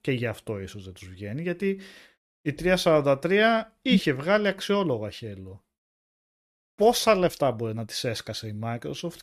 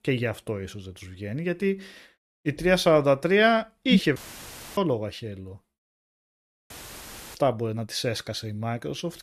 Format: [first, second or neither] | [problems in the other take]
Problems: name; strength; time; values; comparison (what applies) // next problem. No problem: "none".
first | audio cutting out; filled with static; at 4 s for 0.5 s and at 6.5 s for 0.5 s